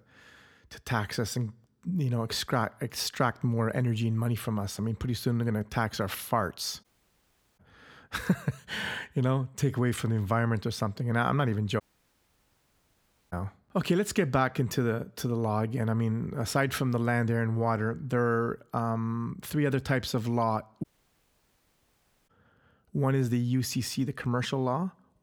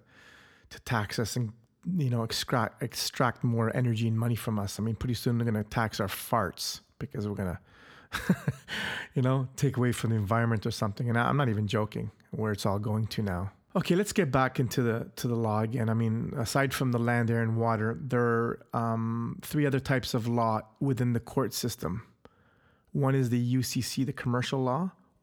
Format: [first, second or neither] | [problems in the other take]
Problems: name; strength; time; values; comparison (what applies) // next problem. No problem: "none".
second | audio cutting out; at 7 s for 1 s, at 12 s for 1.5 s and at 21 s for 1.5 s